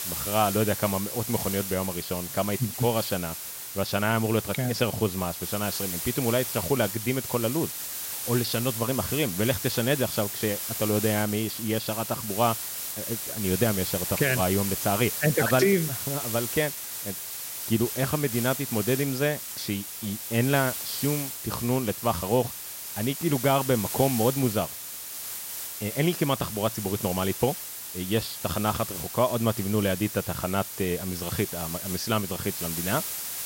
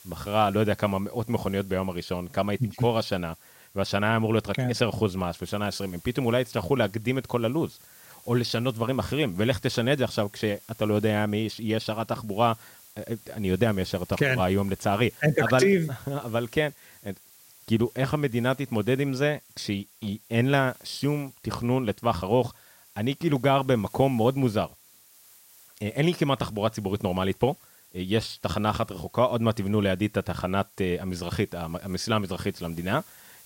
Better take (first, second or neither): second